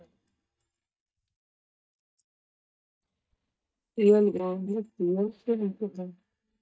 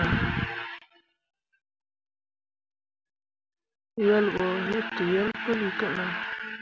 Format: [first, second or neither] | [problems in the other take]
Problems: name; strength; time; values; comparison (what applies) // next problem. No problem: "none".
second | noise reduction (neural mask model DeepFilterNet 3)